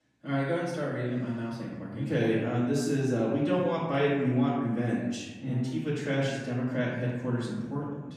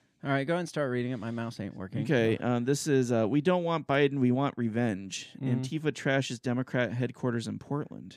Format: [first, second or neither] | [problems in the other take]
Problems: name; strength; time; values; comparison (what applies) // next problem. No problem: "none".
second | off-mic speech; far // room echo; noticeable; dies away in 1 s